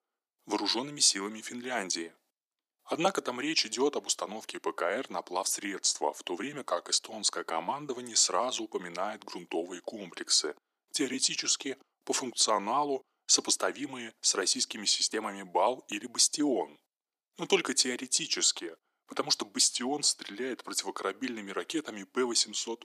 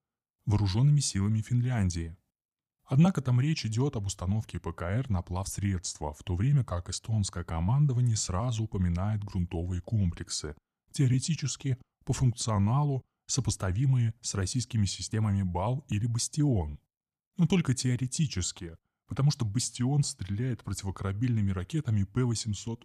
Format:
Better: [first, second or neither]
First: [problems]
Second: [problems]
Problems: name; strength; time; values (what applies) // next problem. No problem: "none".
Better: second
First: thin; very; fading below 300 Hz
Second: none